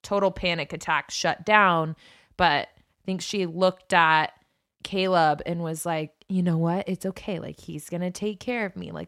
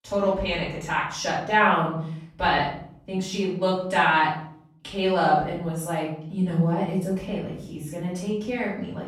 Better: first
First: none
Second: room echo; noticeable; dies away in 0.7 s // off-mic speech; far

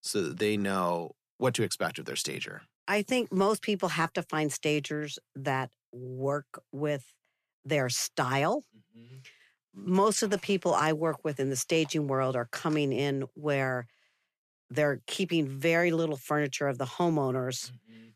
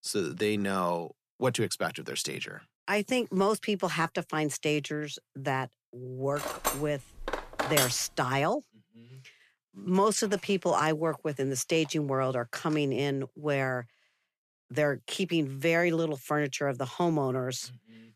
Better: first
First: none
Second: clattering dishes; loud; from 6.5 to 8 s; peak 2 dB above the speech

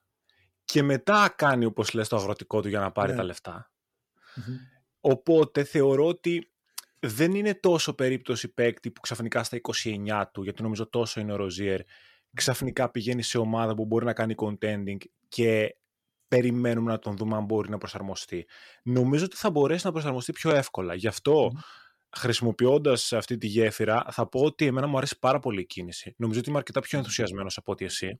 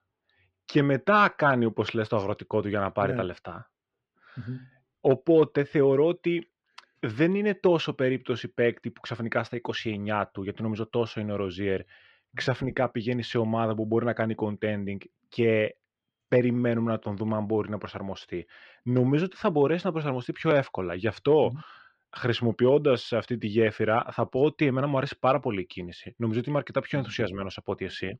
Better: first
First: none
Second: muffled; slightly; fading above 3 kHz

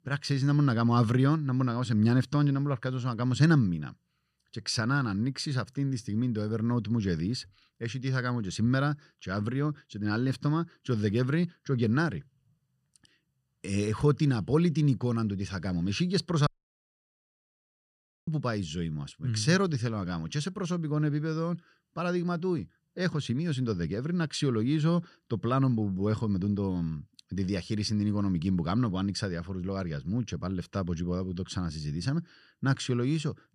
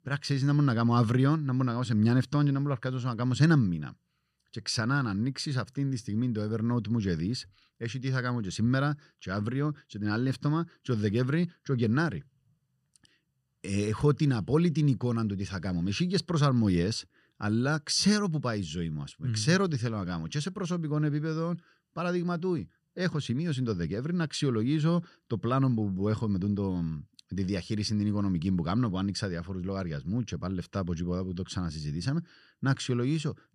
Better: second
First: audio cutting out; at 16 s for 2 s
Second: none

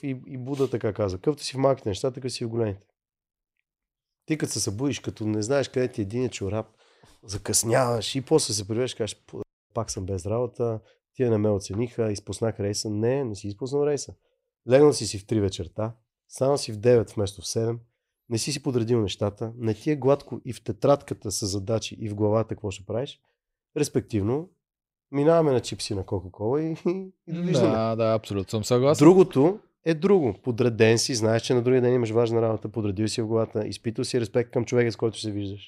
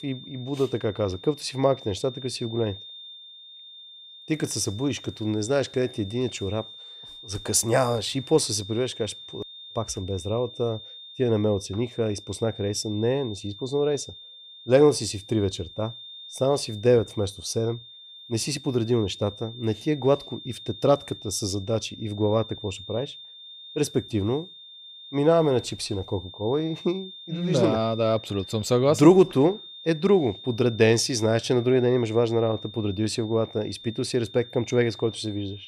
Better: first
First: none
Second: high-pitched whine; noticeable; throughout; 3.5 kHz, 15 dB below the speech

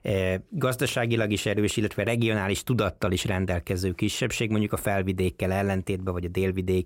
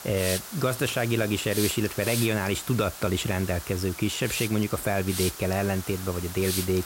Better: first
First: none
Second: hiss; loud; throughout; 7 dB below the speech

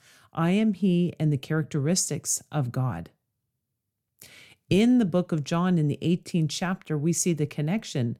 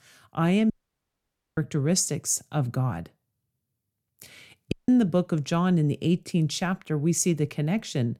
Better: first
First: none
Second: audio cutting out; at 0.5 s for 1 s and at 4.5 s

